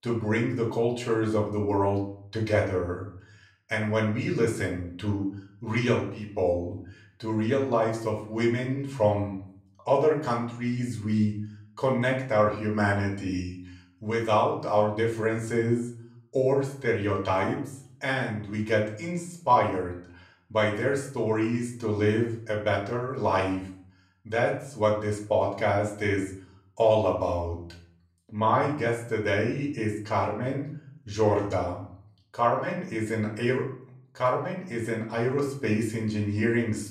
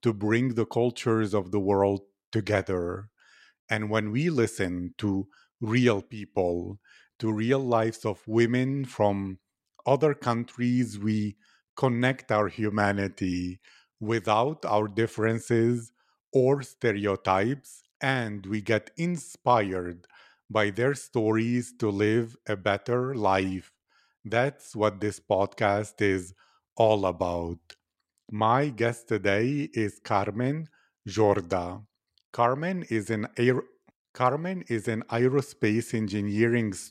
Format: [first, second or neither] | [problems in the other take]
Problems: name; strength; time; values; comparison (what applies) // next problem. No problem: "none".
second | off-mic speech; far // room echo; slight; dies away in 0.5 s